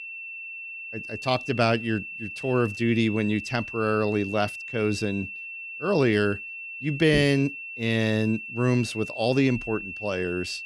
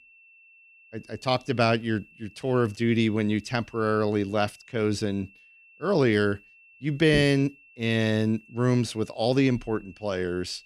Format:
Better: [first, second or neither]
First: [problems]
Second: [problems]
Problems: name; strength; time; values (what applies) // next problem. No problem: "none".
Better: second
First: high-pitched whine; loud; throughout; 2.5 kHz, 9 dB below the speech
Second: high-pitched whine; faint; throughout; 2.5 kHz, 25 dB below the speech